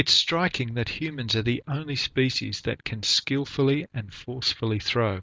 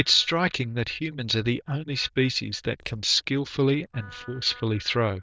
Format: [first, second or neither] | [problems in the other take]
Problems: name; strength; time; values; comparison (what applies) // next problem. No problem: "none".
first | noise reduction (neural diffusion model UNIVERSE++)